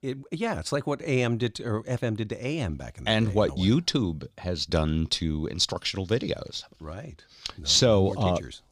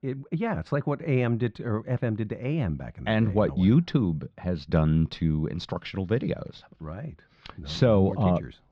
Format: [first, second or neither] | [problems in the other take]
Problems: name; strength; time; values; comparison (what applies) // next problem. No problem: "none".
first | muffled; very; fading above 2 kHz